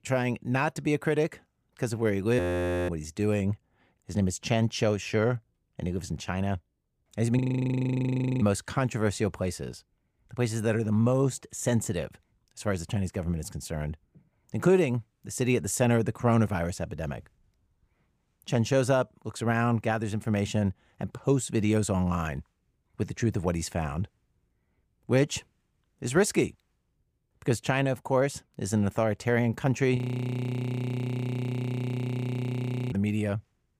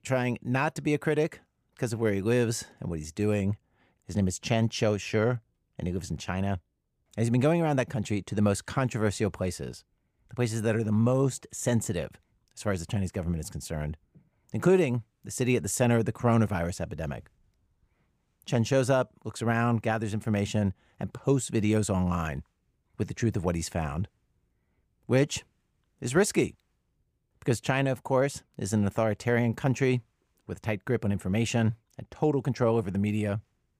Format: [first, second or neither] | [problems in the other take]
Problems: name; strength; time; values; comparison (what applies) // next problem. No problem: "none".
second | audio freezing; at 2.5 s, at 7.5 s for 1 s and at 30 s for 3 s